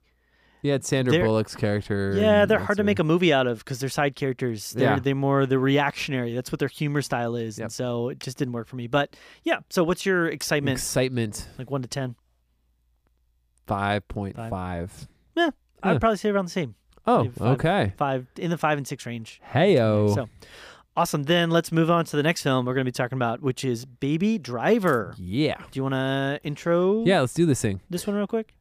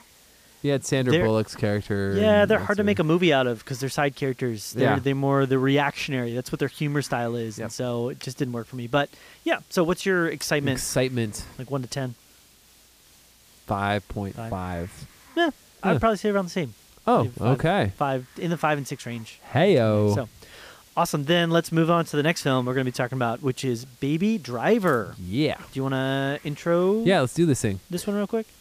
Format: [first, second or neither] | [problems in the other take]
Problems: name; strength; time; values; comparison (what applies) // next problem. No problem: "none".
first | hiss; faint; throughout; 25 dB below the speech